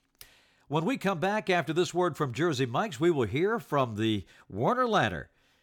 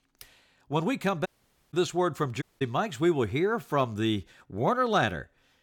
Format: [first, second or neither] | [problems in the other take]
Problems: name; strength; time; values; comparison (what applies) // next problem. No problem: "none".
first | audio cutting out; at 1.5 s and at 2.5 s